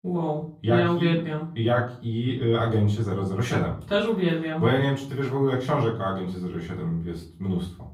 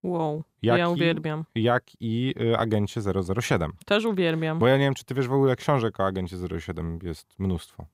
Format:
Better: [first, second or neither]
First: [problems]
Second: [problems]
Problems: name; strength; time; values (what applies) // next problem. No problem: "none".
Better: second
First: room echo; slight; dies away in 0.5 s // off-mic speech; far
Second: none